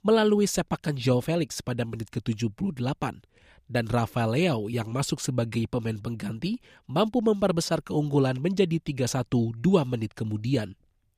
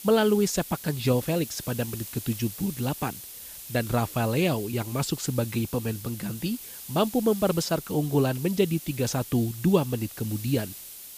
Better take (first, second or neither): first